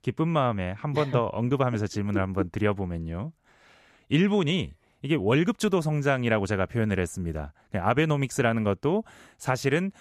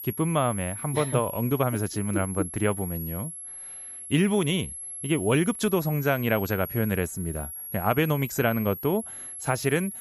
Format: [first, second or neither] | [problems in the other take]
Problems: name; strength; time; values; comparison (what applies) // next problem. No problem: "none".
first | high-pitched whine; loud; throughout; 11 kHz, 9 dB below the speech